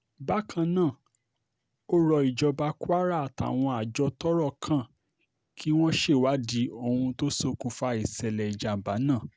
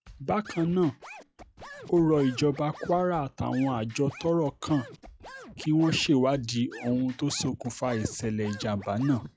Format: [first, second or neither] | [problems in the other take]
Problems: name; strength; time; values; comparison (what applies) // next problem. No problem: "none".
first | noise reduction (classical method log-MMSE)